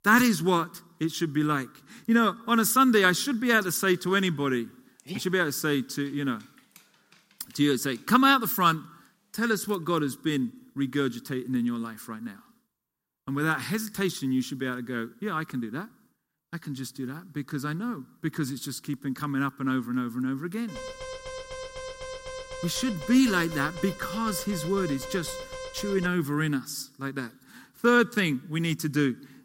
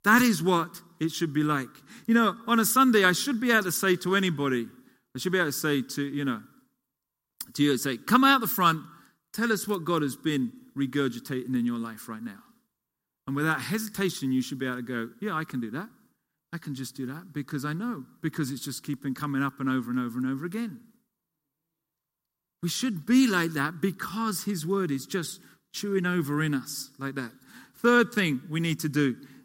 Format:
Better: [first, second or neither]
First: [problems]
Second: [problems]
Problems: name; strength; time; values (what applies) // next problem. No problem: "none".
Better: second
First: dog barking; faint; from 5 to 8 s; peak 15 dB below the speech // alarm; faint; from 21 to 26 s; peak 10 dB below the speech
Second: none